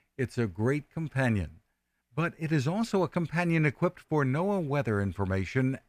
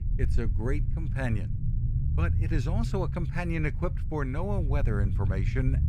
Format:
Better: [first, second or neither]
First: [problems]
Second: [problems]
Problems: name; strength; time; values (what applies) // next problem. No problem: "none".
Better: first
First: none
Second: low rumble; loud; throughout; 9 dB below the speech